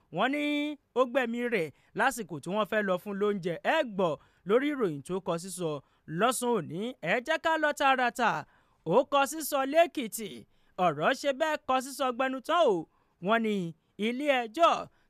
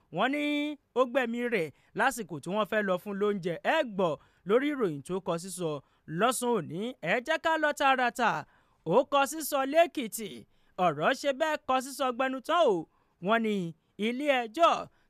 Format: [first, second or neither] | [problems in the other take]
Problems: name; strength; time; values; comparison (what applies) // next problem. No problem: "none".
neither | none